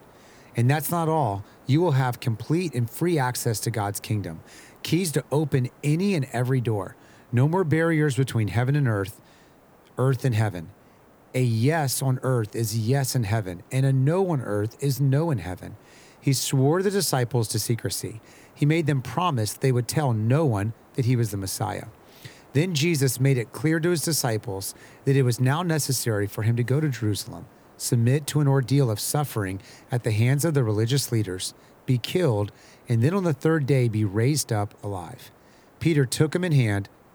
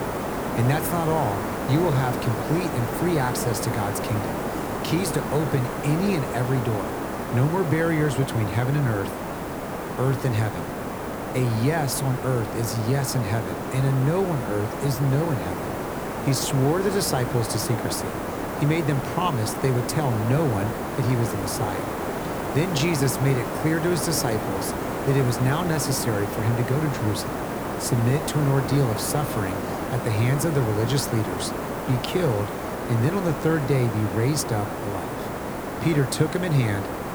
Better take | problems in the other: first | hiss; loud; throughout; 4 dB below the speech; faint in the first

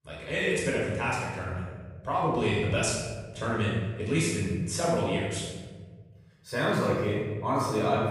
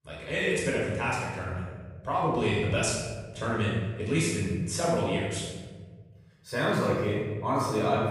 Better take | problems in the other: neither | off-mic speech; far; the same in both // room echo; strong; dies away in 1.6 s; the same in both

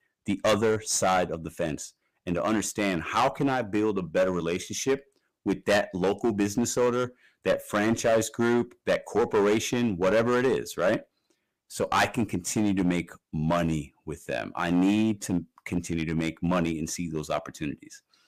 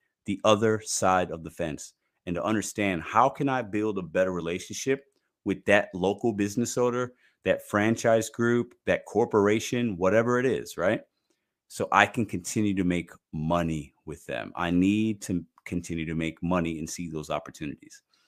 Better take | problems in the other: second | distortion; heavy; 6% of the sound clipped

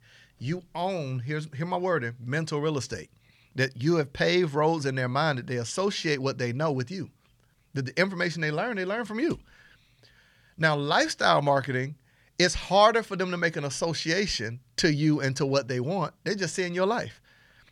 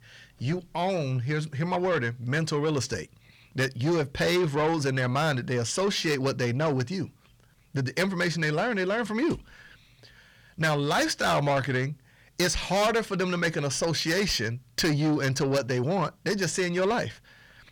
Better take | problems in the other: first | distortion; heavy; 8 dB below the speech

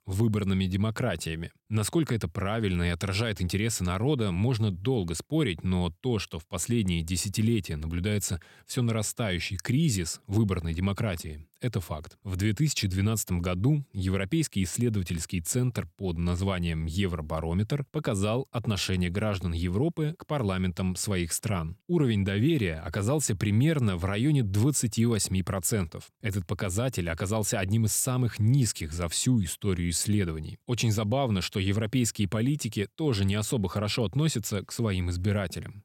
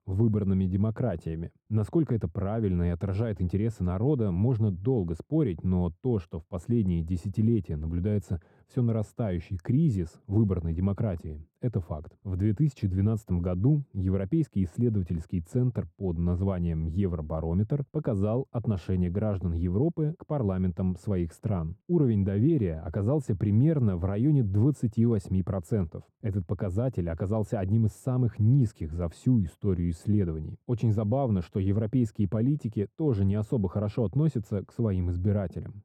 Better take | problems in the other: first | muffled; very; fading above 1.5 kHz

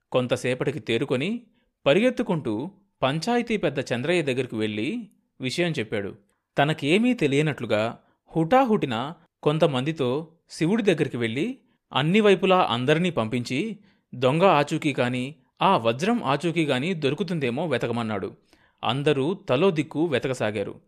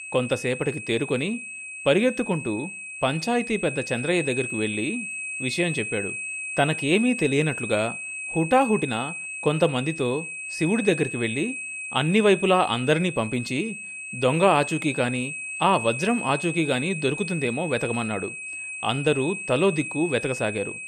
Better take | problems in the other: first | high-pitched whine; loud; throughout; 2.5 kHz, 7 dB below the speech

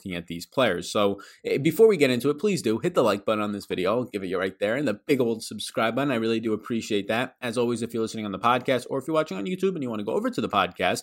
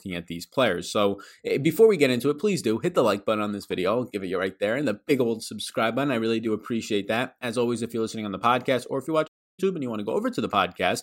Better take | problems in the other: first | audio cutting out; at 9.5 s

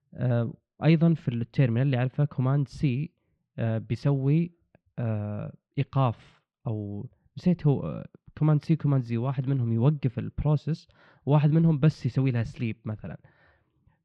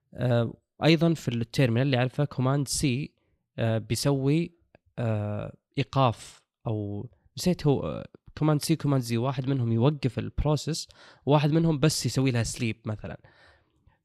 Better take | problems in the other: second | muffled; slightly; fading above 2.5 kHz

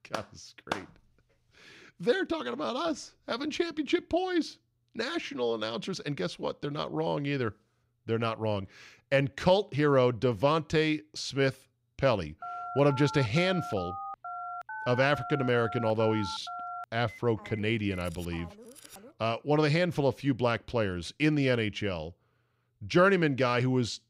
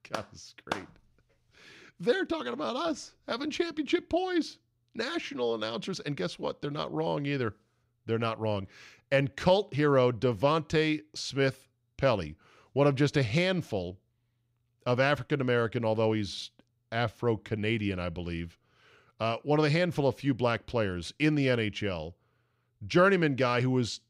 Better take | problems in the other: second | phone ringing; noticeable; from 12 to 19 s; peak 9 dB below the speech

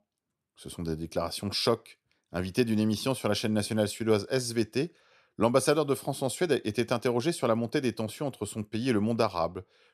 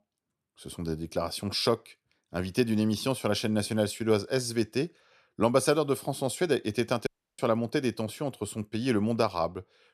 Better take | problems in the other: first | audio cutting out; at 7 s

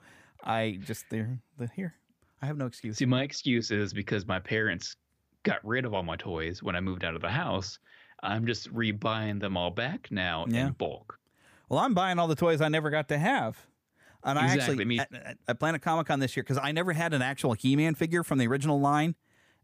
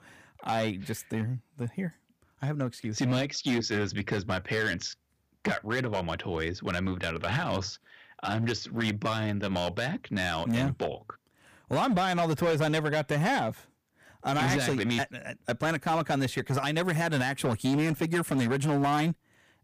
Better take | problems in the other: first | distortion; slight; 9% of the sound clipped

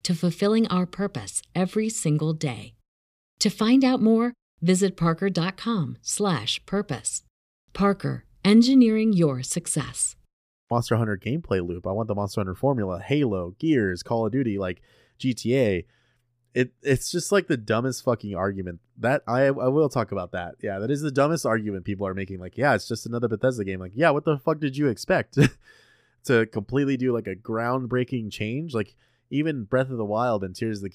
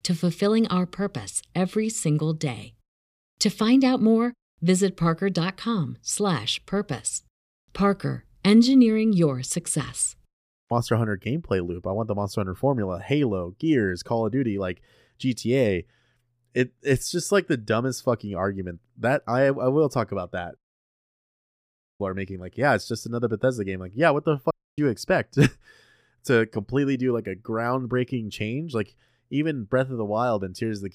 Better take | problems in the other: first | audio cutting out; at 21 s for 1.5 s and at 25 s

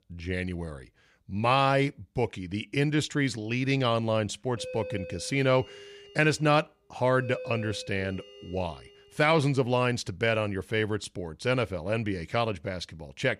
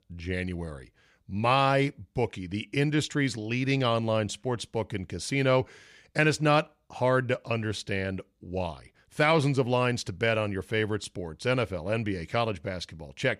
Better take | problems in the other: second | doorbell; noticeable; from 4.5 to 9 s; peak 10 dB below the speech

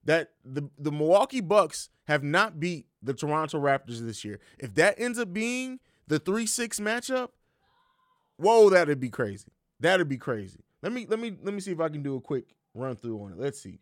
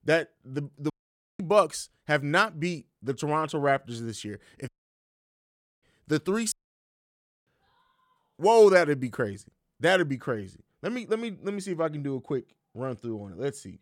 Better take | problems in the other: first | audio cutting out; at 1 s, at 4.5 s for 1 s and at 6.5 s for 1 s

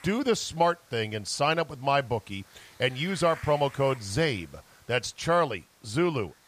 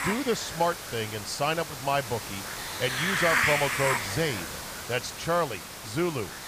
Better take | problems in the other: first | hiss; loud; throughout; 1 dB below the speech; faint in the first

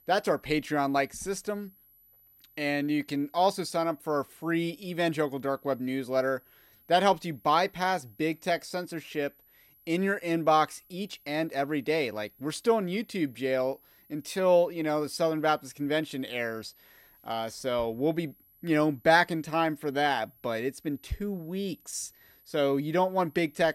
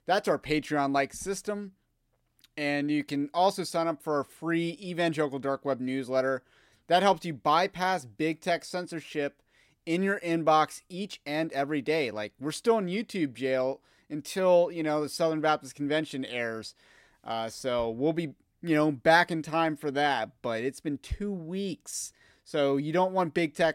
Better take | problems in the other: second | high-pitched whine; faint; throughout; 12 kHz, 30 dB below the speech

